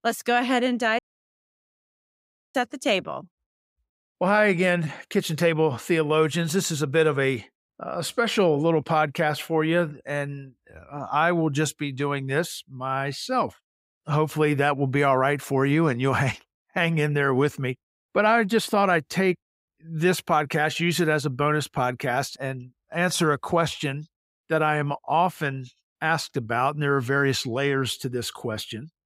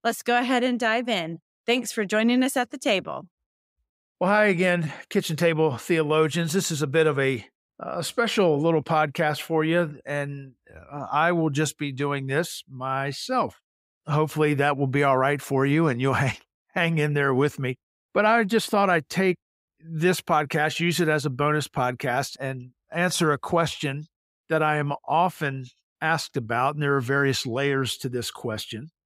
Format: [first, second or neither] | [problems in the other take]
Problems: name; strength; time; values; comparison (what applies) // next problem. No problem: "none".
second | audio cutting out; at 1 s for 1.5 s